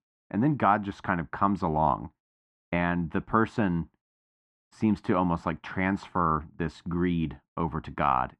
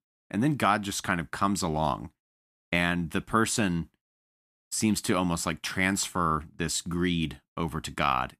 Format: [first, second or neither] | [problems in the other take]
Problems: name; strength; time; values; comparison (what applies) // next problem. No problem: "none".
second | muffled; very; fading above 1.5 kHz